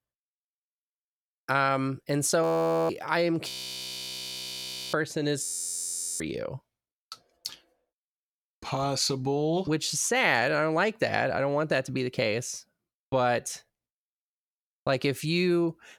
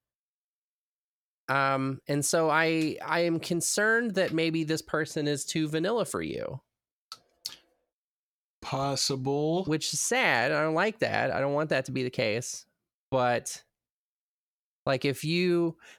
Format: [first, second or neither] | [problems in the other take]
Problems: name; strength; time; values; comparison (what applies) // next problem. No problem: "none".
second | audio freezing; at 2.5 s, at 3.5 s for 1.5 s and at 5.5 s for 1 s